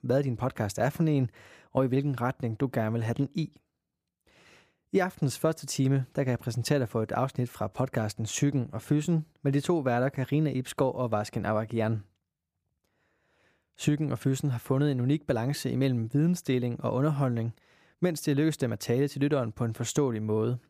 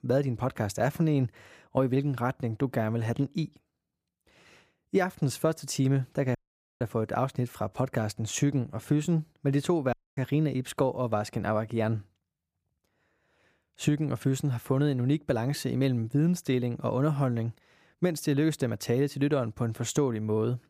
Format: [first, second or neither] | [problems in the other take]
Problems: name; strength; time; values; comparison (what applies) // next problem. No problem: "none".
first | audio cutting out; at 6.5 s and at 10 s